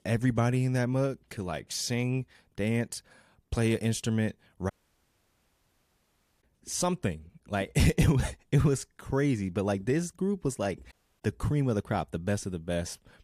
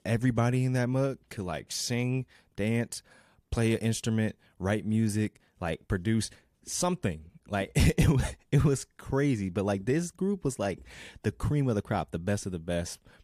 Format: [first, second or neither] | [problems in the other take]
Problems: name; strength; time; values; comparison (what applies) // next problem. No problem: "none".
second | audio cutting out; at 4.5 s for 1.5 s and at 11 s